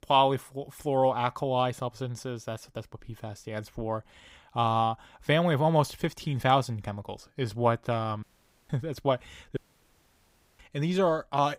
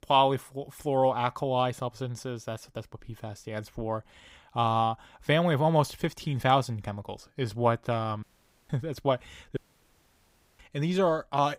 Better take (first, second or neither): neither